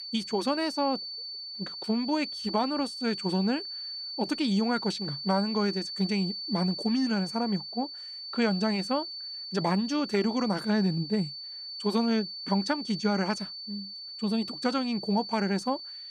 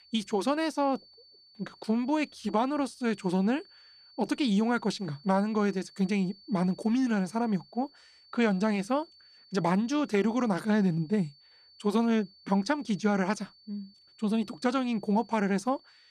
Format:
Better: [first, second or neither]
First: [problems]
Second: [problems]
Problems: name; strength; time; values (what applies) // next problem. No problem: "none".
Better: second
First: high-pitched whine; loud; throughout; 4.5 kHz, 6 dB below the speech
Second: high-pitched whine; faint; throughout; 4.5 kHz, 25 dB below the speech